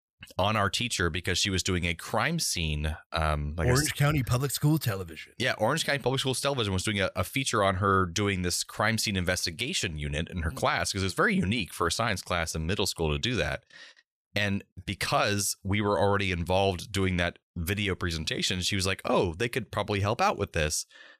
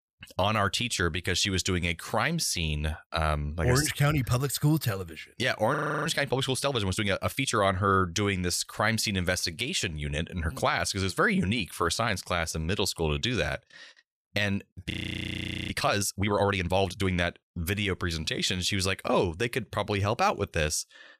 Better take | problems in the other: first | audio freezing; at 5.5 s and at 15 s for 1 s

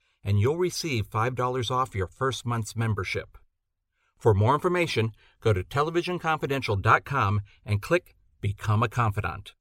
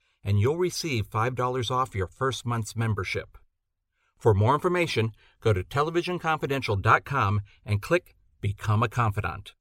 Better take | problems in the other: neither | none

